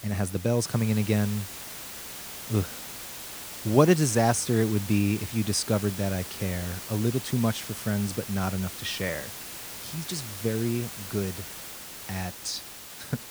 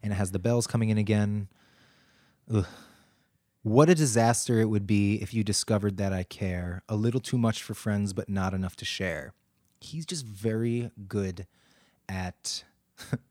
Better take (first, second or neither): second